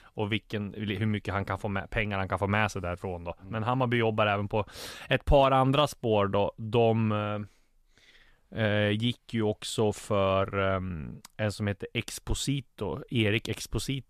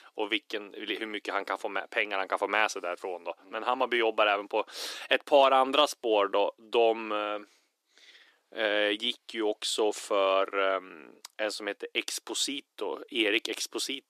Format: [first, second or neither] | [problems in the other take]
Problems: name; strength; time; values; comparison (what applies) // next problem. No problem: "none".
first | thin; very; fading below 300 Hz